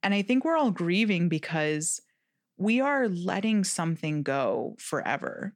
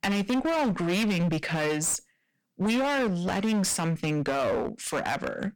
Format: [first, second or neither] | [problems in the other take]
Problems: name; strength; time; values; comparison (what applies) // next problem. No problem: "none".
first | distortion; heavy; 28% of the sound clipped